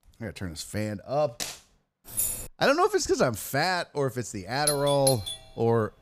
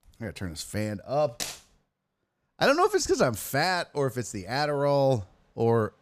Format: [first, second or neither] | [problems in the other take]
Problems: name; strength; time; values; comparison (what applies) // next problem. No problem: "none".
second | jangling keys; noticeable; at 2 s; peak level with the speech // doorbell; noticeable; at 4.5 s; peak 1 dB below the speech